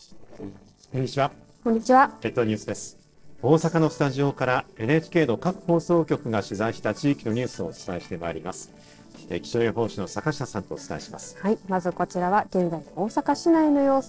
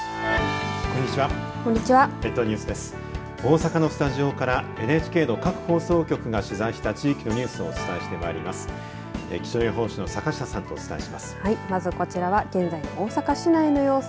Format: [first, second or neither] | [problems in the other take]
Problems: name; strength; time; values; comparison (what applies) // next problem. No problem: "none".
second | noise reduction (neural separator model SepFormer DNS4)